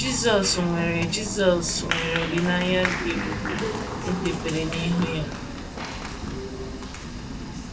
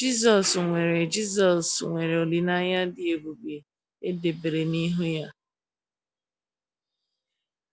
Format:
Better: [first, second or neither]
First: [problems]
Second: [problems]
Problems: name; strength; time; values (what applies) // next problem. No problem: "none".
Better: second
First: background sound (Applause); 4 dB below the speech // room echo; dies away in 0.2 s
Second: none